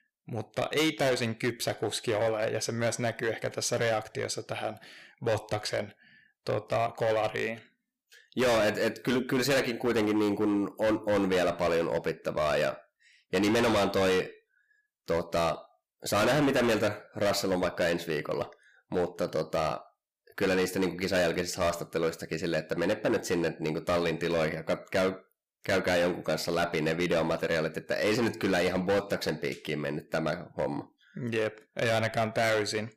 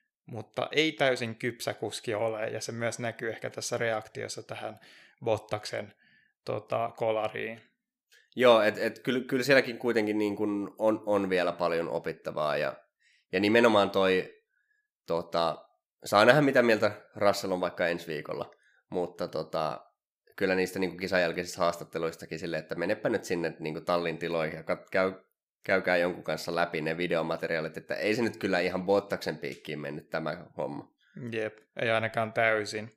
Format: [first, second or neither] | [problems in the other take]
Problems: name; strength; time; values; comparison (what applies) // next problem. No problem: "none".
second | distortion; heavy; 12% of the sound clipped